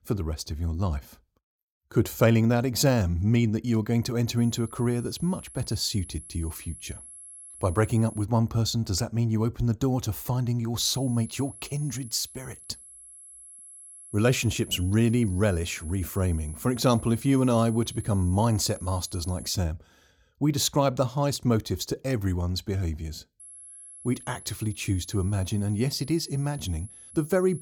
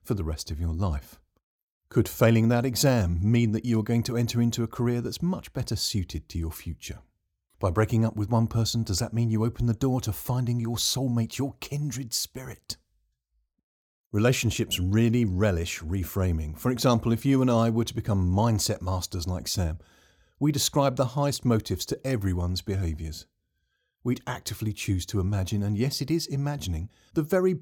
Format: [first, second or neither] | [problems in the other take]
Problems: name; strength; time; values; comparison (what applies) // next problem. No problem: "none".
second | high-pitched whine; noticeable; from 4.5 to 8.5 s, from 11 to 20 s and from 23 s on; 11 kHz, 15 dB below the speech